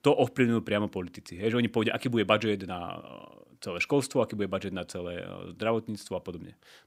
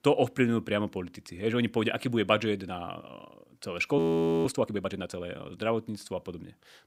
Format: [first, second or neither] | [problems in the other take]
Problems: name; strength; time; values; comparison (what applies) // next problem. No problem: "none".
first | audio freezing; at 4 s